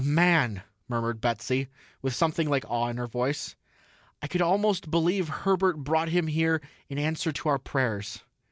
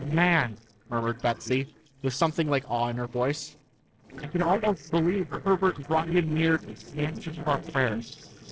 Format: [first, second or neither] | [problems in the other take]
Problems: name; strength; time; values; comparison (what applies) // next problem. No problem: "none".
first | noise reduction (neural separator model SepFormer DNS4)